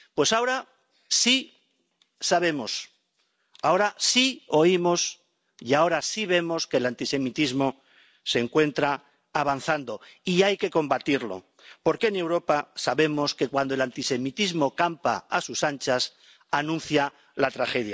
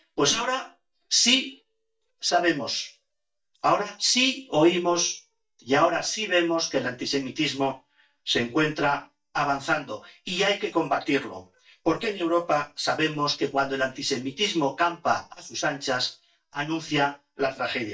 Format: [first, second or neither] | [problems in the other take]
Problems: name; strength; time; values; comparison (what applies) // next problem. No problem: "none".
first | noise reduction (neural mask model DeepFilterNet 3)